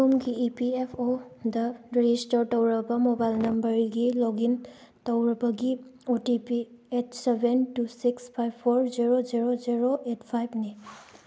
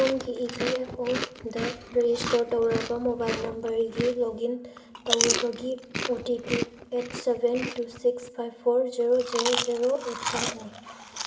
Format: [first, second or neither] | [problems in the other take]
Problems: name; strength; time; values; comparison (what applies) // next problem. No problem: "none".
first | background sound (Chewing, mastication); 6 dB below the speech // room echo; dies away in 1.4 s